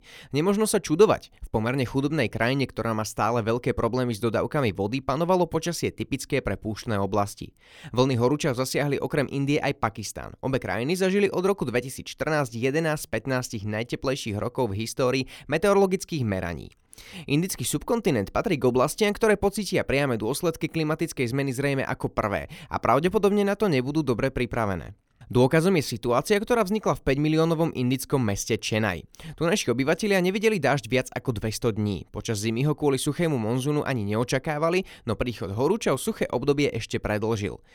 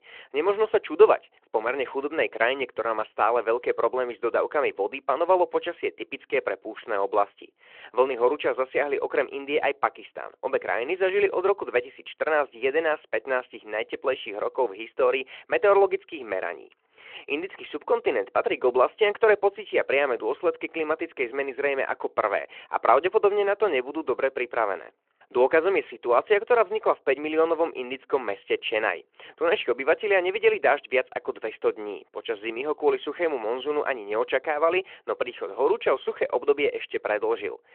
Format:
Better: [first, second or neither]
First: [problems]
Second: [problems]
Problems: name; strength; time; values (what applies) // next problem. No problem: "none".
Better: first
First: none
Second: phone-call audio